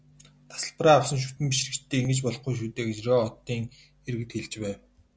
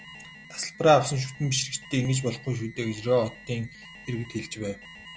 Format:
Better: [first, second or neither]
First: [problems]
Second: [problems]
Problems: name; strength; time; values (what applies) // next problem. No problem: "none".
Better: first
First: none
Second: background sound (Alarm); 19 dB below the speech